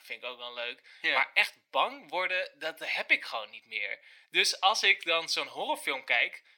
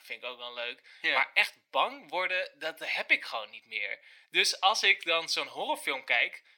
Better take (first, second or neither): neither